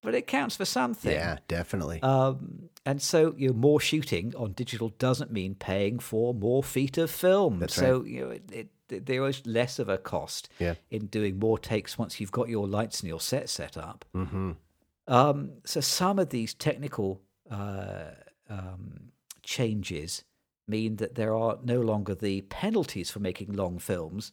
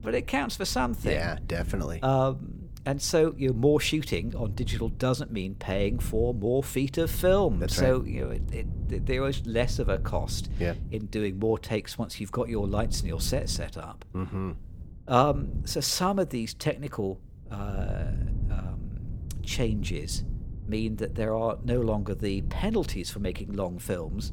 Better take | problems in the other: first | wind noise on the microphone; occasional gusts; 20 dB below the speech

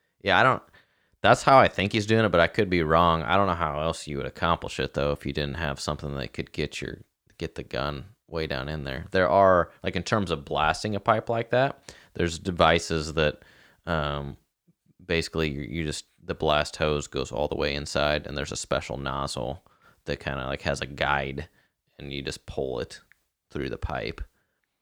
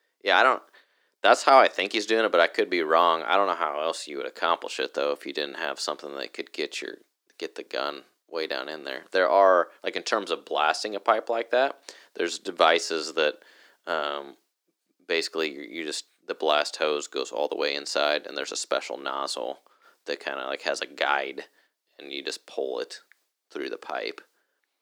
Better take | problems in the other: first | thin; somewhat; fading below 300 Hz

